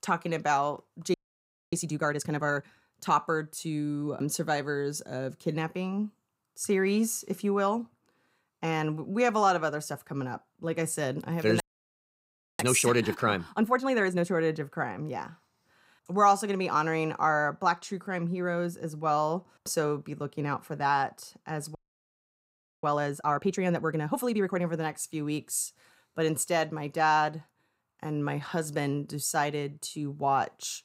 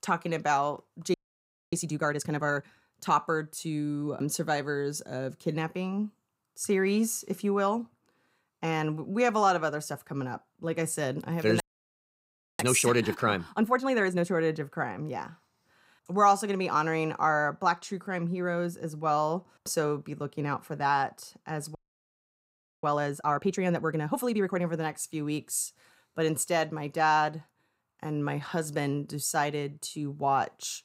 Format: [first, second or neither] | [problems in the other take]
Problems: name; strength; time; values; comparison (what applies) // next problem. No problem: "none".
neither | audio freezing; at 1 s for 0.5 s, at 12 s for 1 s and at 22 s for 1 s; the same in both